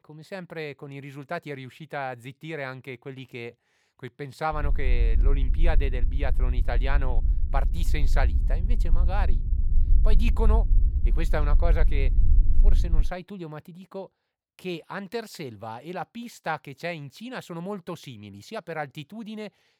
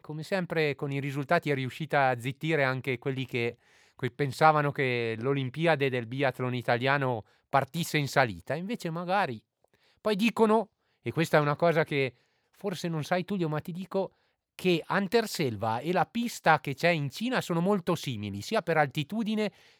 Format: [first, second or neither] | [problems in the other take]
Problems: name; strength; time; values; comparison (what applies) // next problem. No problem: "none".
second | low rumble; noticeable; from 4.5 to 13 s; 15 dB below the speech